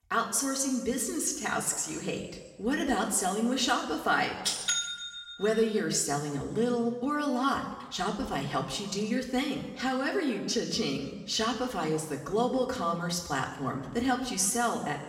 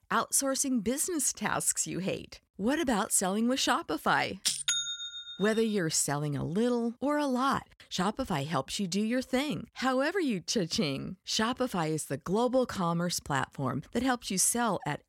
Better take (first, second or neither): second